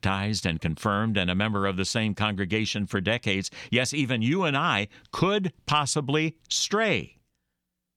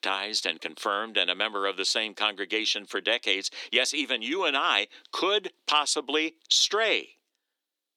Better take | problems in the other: first | thin; very; fading below 300 Hz

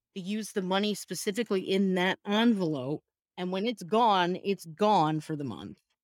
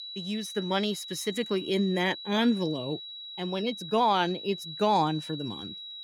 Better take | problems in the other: first | high-pitched whine; loud; throughout; 4 kHz, 10 dB below the speech

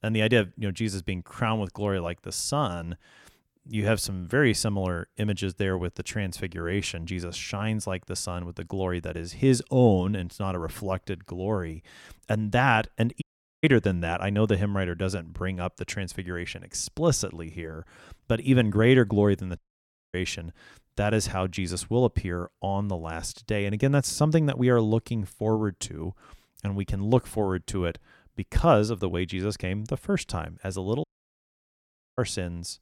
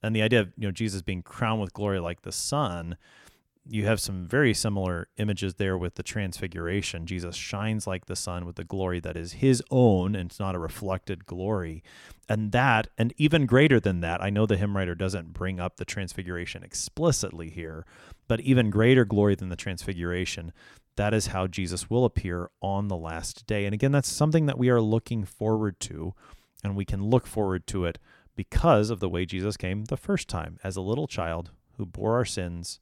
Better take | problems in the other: second | audio cutting out; at 13 s, at 20 s for 0.5 s and at 31 s for 1 s

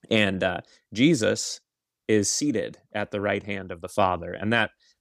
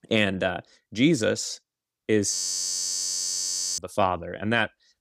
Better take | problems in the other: first | audio freezing; at 2.5 s for 1.5 s

